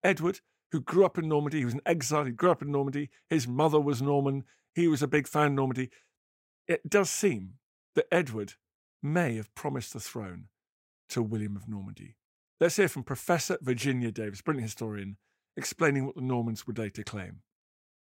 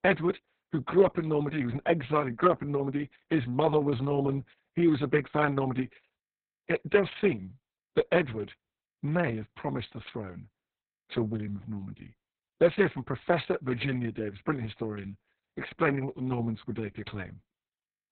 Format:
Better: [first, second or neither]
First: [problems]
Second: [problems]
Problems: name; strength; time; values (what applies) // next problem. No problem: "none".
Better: first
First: none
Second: garbled, watery; badly; nothing above 4 kHz